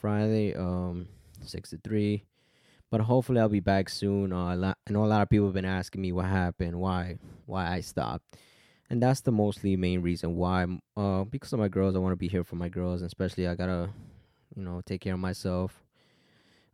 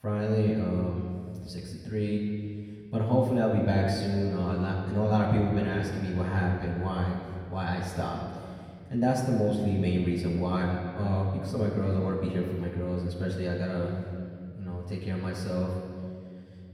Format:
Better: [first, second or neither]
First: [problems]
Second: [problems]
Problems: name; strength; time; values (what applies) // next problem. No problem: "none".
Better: first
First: none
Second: off-mic speech; far // room echo; noticeable; dies away in 2 s